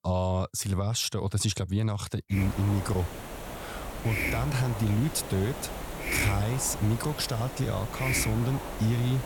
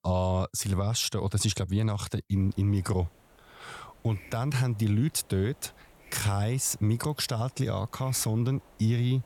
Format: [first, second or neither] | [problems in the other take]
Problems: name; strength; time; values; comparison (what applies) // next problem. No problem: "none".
second | hiss; loud; from 2.5 s on; 6 dB below the speech; faint in the second